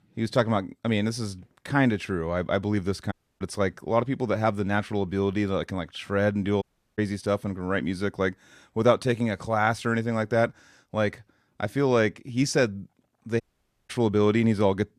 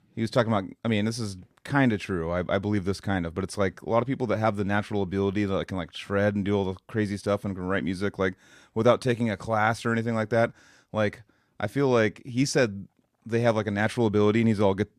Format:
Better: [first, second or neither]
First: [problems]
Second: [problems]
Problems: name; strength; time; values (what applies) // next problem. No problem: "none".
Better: second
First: audio cutting out; at 3 s, at 6.5 s and at 13 s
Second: none